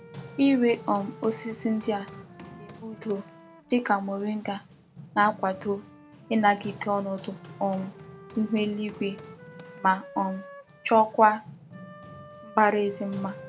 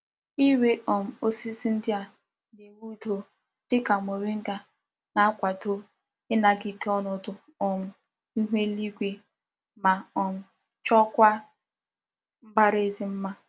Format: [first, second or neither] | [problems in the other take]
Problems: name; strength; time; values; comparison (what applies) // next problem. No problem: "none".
second | background sound (Run + Wind instrument, woodwind instrument); 17 dB below the speech